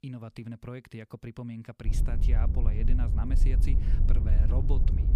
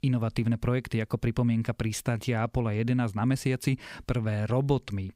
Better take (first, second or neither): second